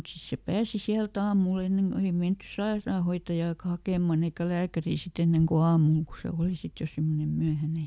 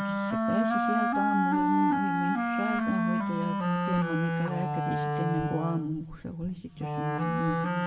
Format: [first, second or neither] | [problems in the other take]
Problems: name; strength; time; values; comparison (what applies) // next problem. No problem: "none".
first | background sound (Wind instrument, woodwind instrument); 4 dB above the speech // room echo; dies away in 0.9 s